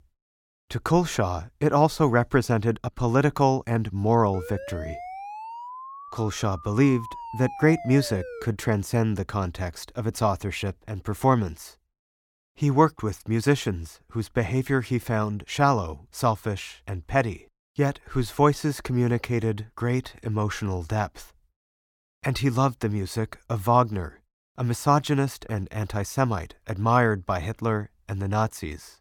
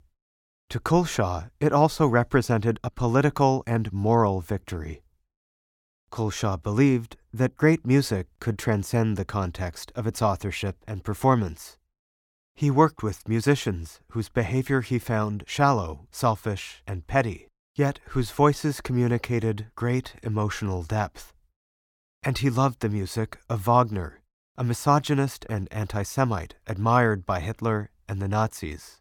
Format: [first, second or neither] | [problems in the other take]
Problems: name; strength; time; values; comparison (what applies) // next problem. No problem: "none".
second | siren; faint; from 4.5 to 8.5 s; peak 10 dB below the speech